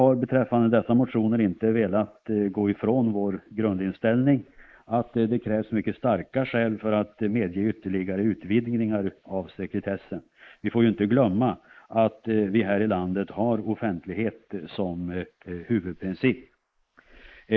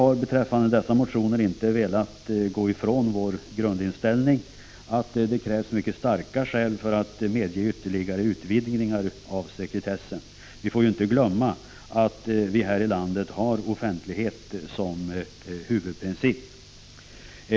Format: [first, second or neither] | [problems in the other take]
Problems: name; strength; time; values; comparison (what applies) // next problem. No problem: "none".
second | noise reduction (neural mask model Resemble Enhance denoiser)